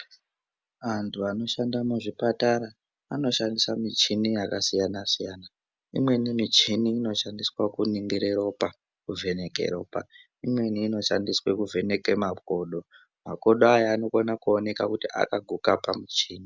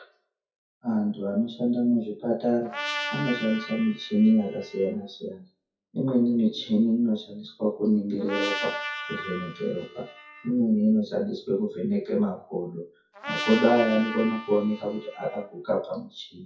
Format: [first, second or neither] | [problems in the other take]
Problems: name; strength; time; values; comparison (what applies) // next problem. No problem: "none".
first | noise reduction (classical method WPE with log-MMSE)